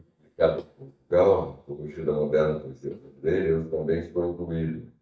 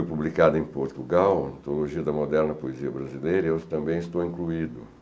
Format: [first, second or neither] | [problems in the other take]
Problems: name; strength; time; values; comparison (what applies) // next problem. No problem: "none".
second | noise reduction (neural mask model DeepFilterNet 3)